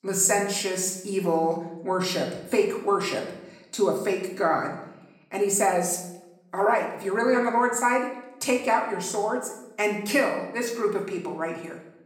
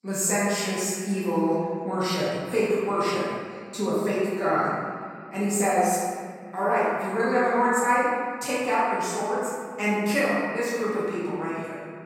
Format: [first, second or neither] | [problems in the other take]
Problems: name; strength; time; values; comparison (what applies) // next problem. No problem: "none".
first | room echo; strong; dies away in 2 s; slight in the first // off-mic speech; far; somewhat distant in the first